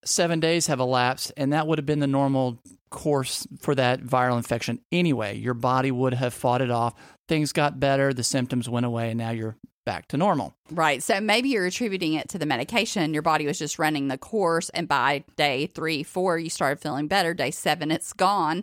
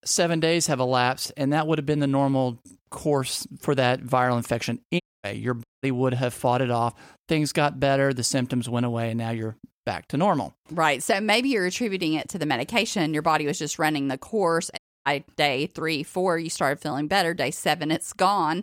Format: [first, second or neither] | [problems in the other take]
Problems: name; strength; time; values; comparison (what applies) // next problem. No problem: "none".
first | audio cutting out; at 5 s, at 5.5 s and at 15 s